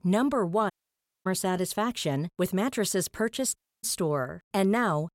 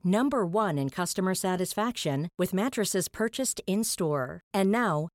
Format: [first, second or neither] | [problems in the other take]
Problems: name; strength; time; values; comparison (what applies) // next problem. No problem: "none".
second | audio cutting out; at 0.5 s for 0.5 s and at 3.5 s